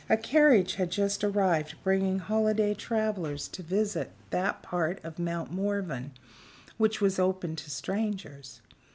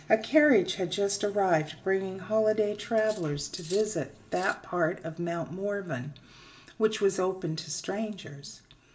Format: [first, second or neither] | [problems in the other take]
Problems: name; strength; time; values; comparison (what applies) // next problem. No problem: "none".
first | background sound (Cutlery, silverware); 20 dB below the speech // room echo; dies away in 0.4 s